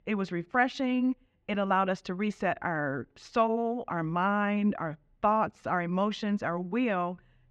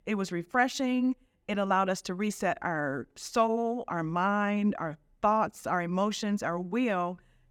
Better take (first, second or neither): second